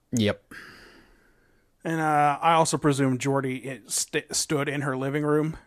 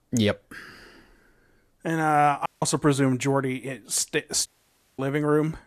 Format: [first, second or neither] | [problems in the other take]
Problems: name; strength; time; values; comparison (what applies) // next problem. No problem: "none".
first | audio cutting out; at 2.5 s and at 4.5 s for 0.5 s